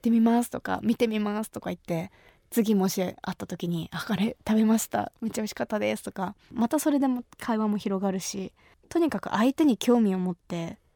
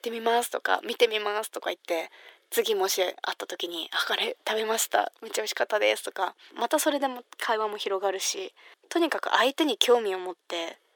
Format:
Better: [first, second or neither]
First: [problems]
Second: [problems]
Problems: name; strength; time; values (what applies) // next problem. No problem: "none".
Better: first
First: none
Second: thin; very; fading below 350 Hz